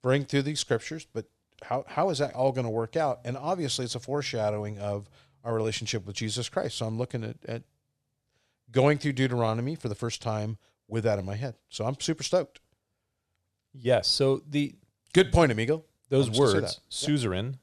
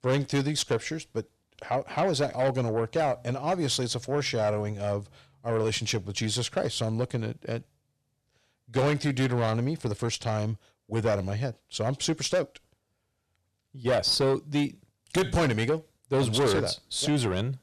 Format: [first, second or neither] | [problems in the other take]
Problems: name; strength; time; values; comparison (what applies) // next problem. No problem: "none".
first | distortion; heavy; 8 dB below the speech